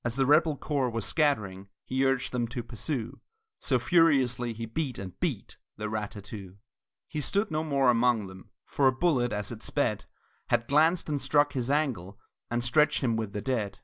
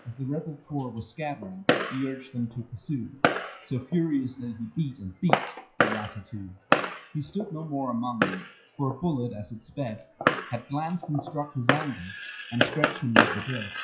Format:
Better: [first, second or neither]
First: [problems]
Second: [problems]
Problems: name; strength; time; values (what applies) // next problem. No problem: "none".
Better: first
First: none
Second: noise reduction (classical method WPE with log-MMSE)